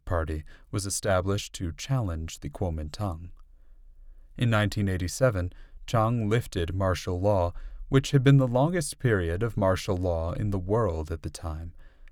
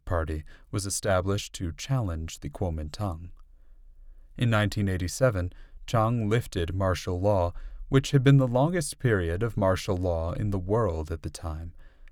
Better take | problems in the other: neither | none

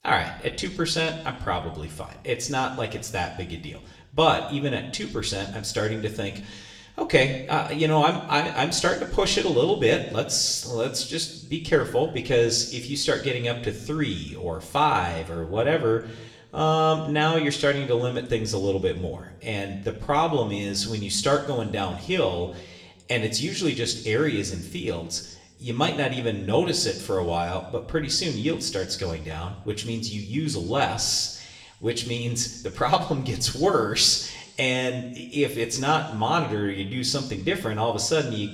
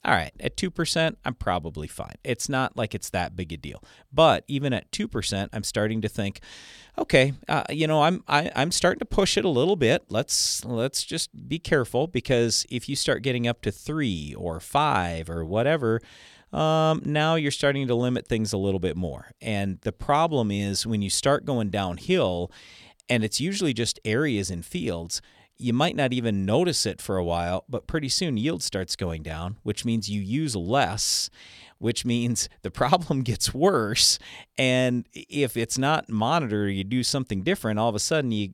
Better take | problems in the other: second | room echo; slight; dies away in 0.7 s // off-mic speech; somewhat distant

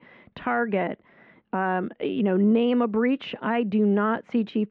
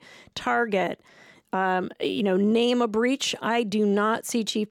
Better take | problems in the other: second | muffled; very; fading above 2.5 kHz

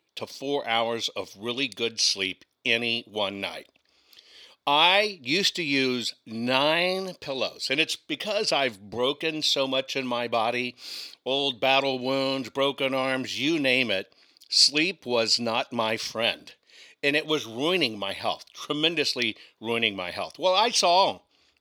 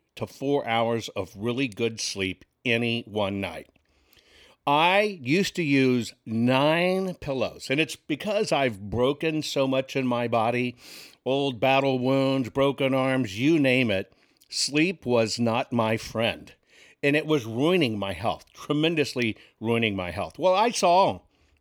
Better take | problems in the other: second | thin; very slightly; fading below 850 Hz

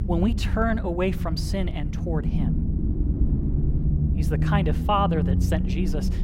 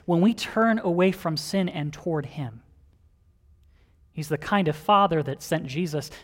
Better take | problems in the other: second | low rumble; loud; throughout; 8 dB below the speech

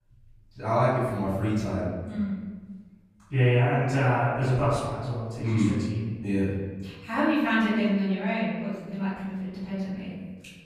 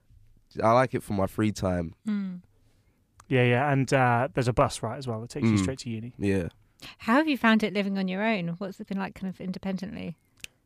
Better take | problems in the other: second | off-mic speech; far // room echo; strong; dies away in 1.3 s

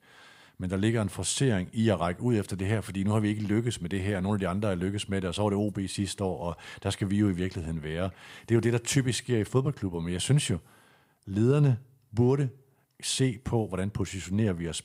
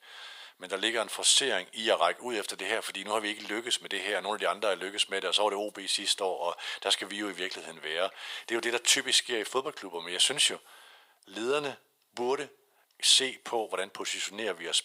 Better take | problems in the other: first | thin; very; fading below 550 Hz

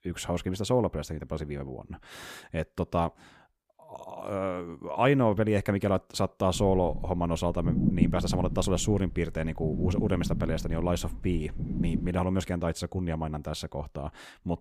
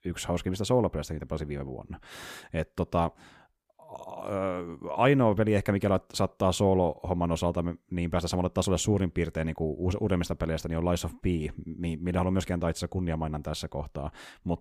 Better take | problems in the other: second | low rumble; loud; from 6.5 to 12 s; 8 dB below the speech

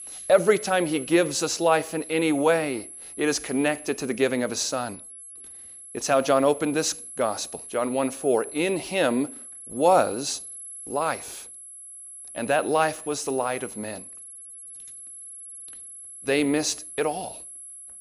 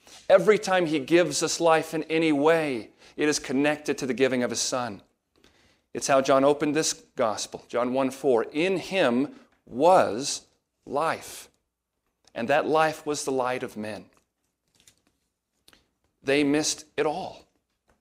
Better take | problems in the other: second | high-pitched whine; noticeable; throughout; 11 kHz, 15 dB below the speech

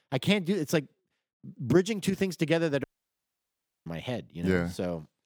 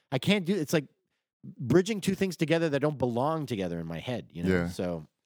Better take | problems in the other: second | audio cutting out; at 3 s for 1 s

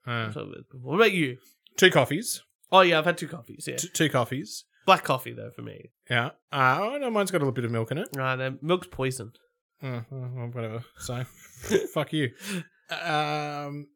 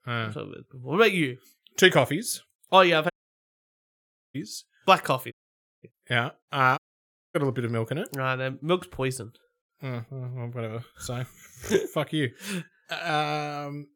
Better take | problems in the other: first | audio cutting out; at 3 s for 1 s, at 5.5 s for 0.5 s and at 7 s for 0.5 s

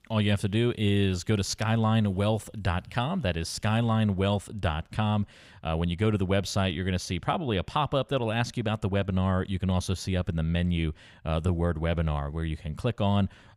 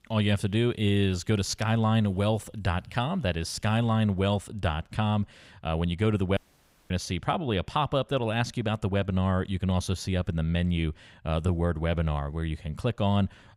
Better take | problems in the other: first | audio cutting out; at 6.5 s for 0.5 s

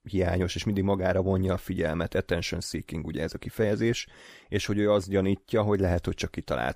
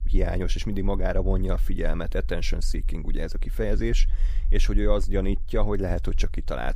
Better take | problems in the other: first | low rumble; faint; throughout; 25 dB below the speech

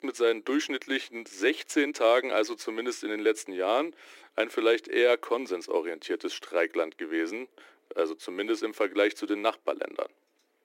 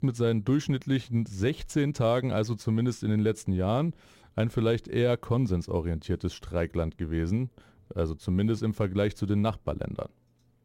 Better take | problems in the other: second | thin; very; fading below 300 Hz

